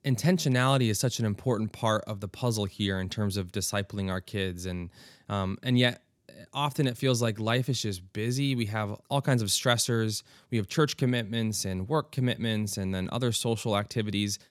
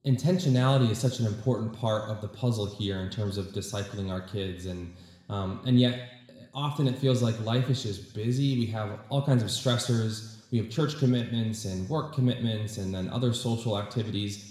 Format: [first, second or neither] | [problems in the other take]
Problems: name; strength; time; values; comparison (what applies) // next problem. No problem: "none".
first | room echo; slight; dies away in 1 s // off-mic speech; somewhat distant